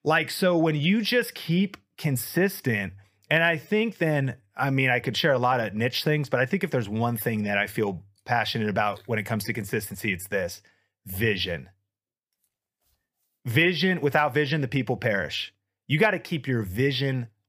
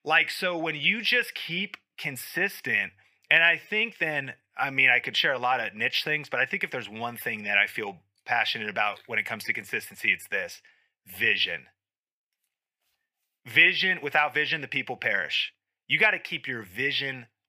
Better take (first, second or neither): first